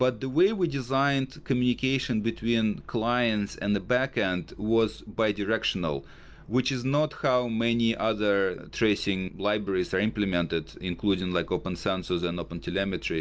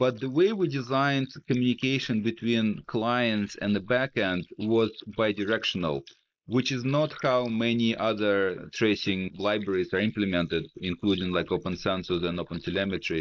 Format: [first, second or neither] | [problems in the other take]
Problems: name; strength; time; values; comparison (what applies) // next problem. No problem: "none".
first | noise reduction (neural mask model Resemble Enhance denoiser)